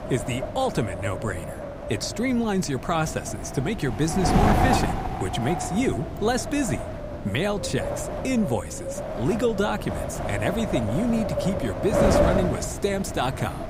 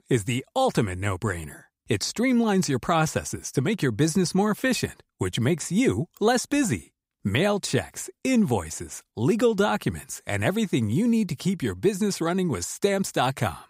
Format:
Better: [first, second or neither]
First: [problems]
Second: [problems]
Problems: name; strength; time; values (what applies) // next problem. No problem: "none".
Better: second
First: wind noise on the microphone; heavy; as loud as the speech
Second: none